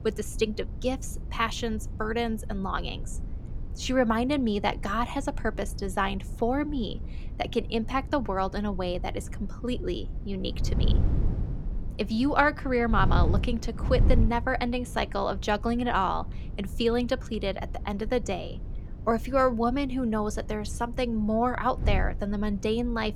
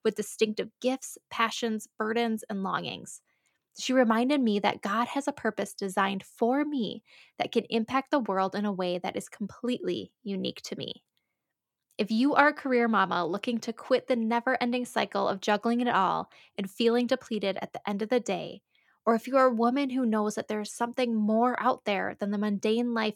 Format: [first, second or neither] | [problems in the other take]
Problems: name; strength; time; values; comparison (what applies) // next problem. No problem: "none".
second | wind noise on the microphone; occasional gusts; 20 dB below the speech